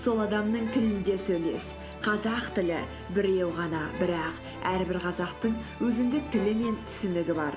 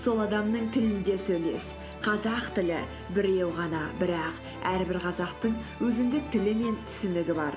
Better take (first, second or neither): second